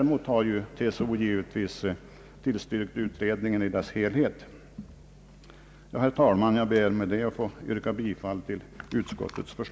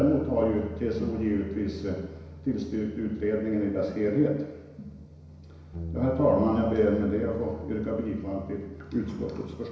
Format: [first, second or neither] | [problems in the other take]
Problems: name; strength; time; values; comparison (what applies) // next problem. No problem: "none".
first | background sound (Bass guitar); 13 dB below the speech // room echo; dies away in 1 s